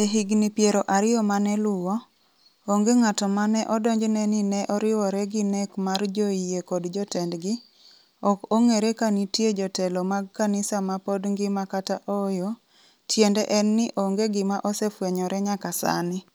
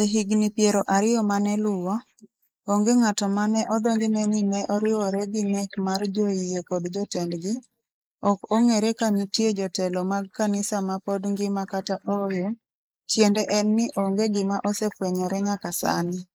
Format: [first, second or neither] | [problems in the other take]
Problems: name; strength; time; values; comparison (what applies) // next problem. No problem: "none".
first | noise reduction (neural mask model Resemble Enhance denoiser)